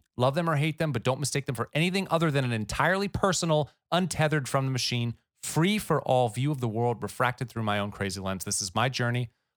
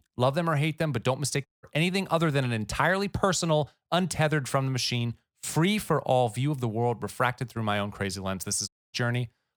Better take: first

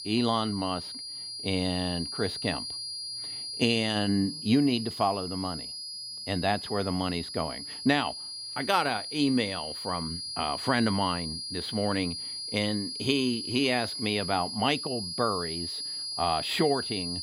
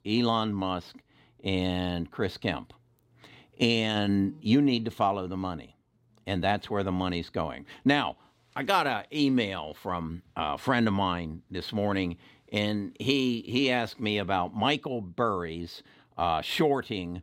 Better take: second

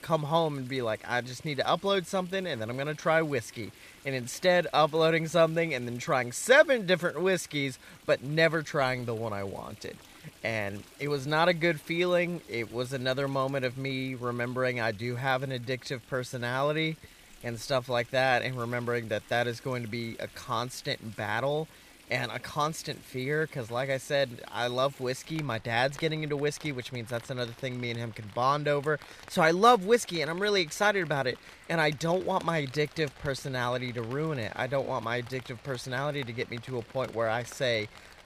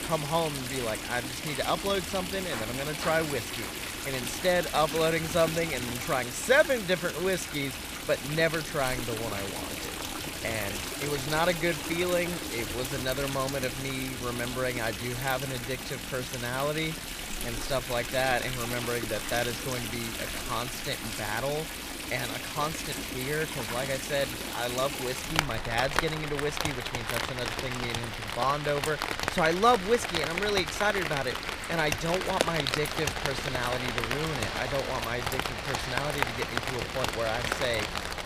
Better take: first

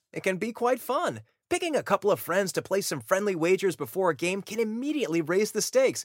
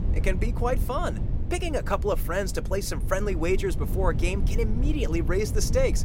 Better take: first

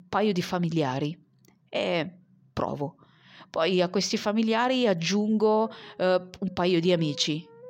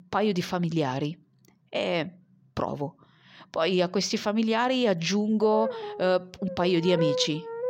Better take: first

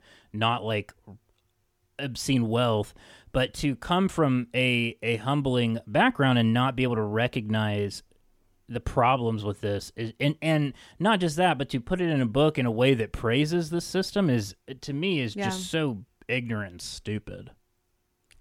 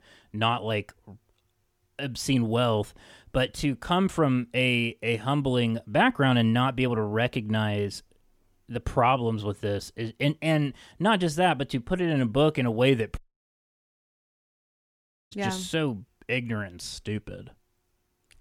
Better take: first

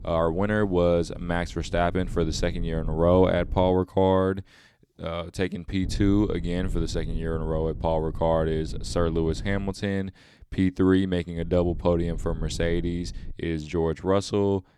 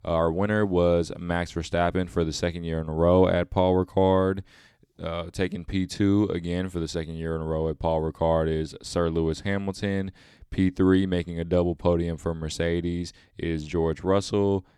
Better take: second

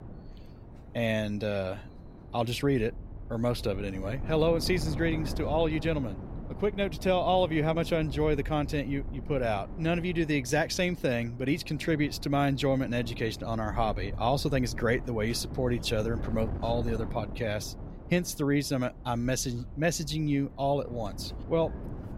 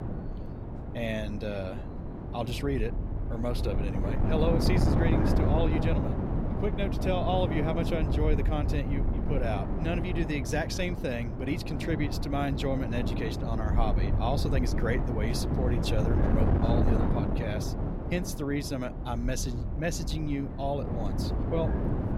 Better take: first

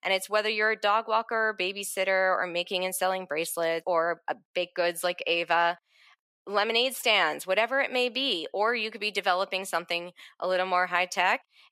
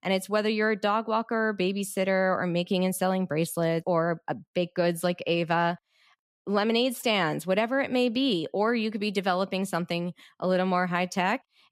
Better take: second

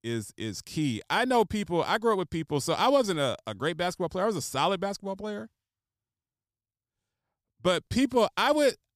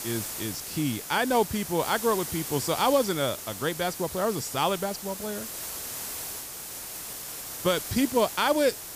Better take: first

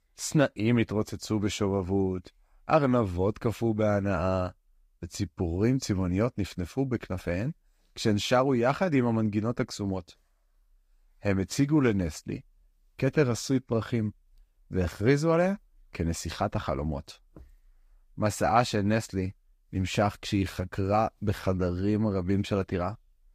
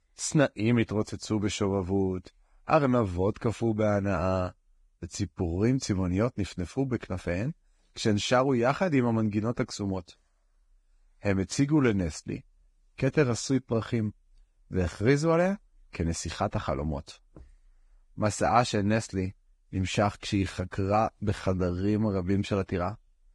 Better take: first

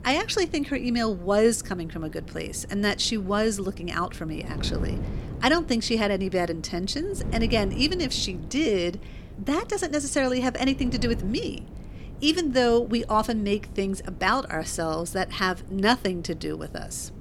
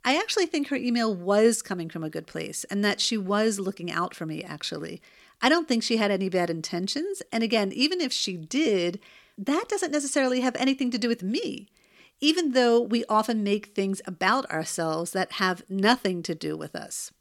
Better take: second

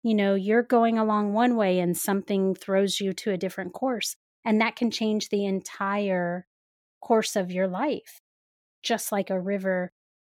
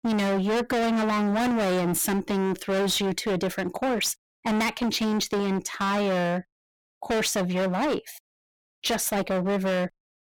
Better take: first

